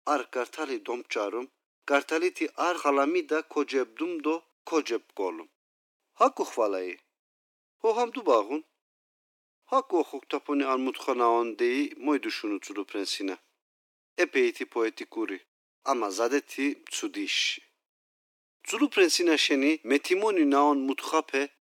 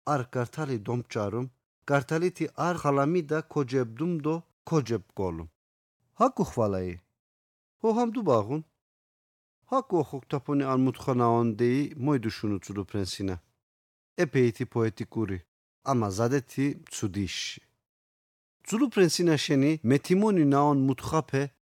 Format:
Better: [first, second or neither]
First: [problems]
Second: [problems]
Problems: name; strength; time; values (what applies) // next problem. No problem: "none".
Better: second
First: thin; very slightly; fading below 300 Hz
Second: none